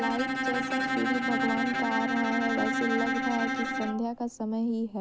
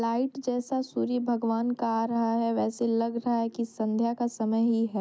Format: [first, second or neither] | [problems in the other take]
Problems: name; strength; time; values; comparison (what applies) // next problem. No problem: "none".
second | background sound (Bowed string instrument); 1 dB above the speech